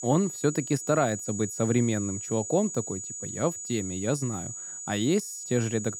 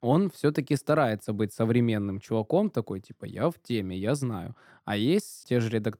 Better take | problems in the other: second | high-pitched whine; loud; throughout; 7 kHz, 7 dB below the speech

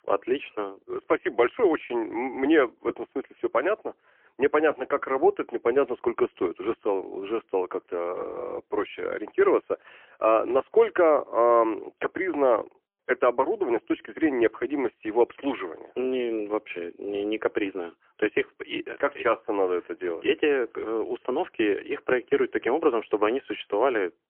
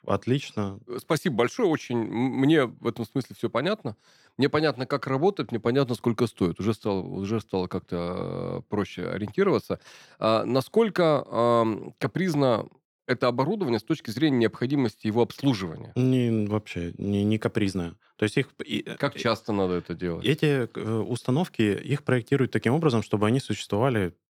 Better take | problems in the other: second | phone-call audio; poor line; nothing above 3 kHz

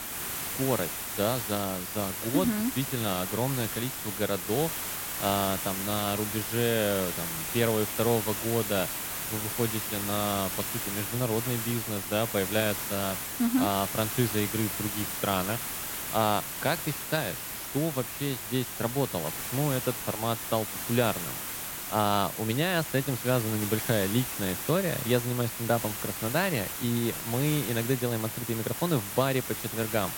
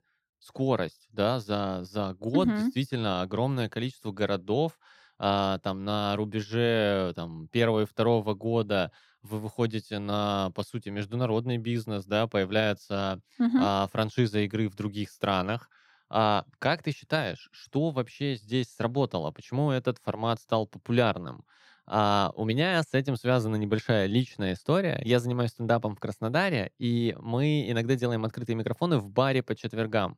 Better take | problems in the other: second | hiss; loud; throughout; 3 dB below the speech

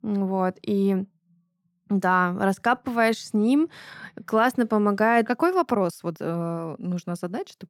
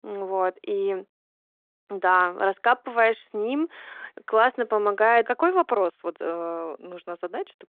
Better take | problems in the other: first | phone-call audio

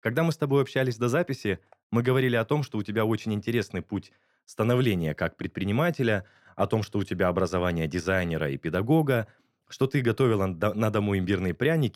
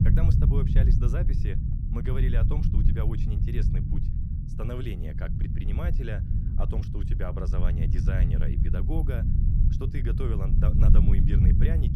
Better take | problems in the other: first | low rumble; loud; throughout; as loud as the speech

